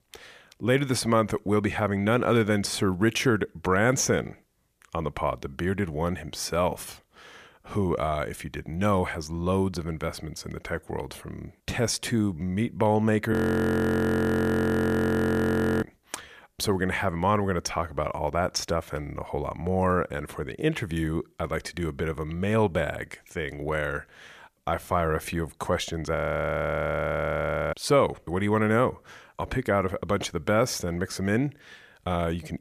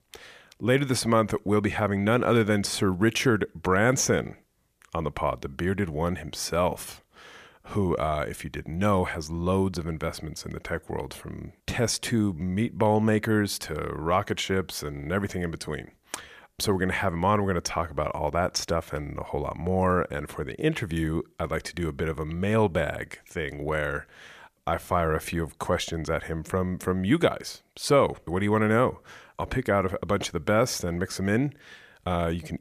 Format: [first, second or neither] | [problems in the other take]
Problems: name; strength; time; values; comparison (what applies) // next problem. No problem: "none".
second | audio freezing; at 13 s for 2.5 s and at 26 s for 1.5 s